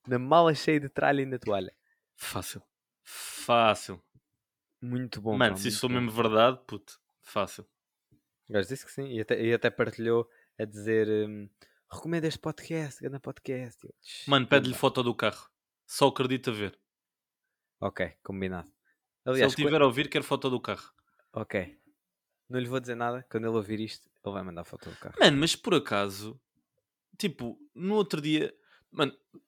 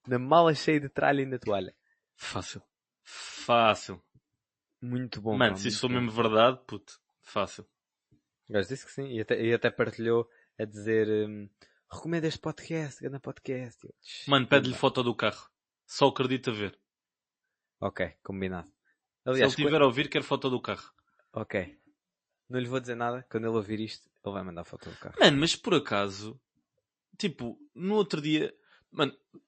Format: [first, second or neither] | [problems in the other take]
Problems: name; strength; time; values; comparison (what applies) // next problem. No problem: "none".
first | garbled, watery; slightly; nothing above 8 kHz